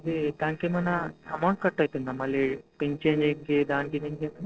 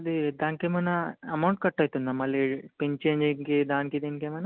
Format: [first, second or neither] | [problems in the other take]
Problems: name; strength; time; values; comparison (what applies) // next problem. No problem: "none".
second | noise reduction (neural separator model SepFormer DNS4)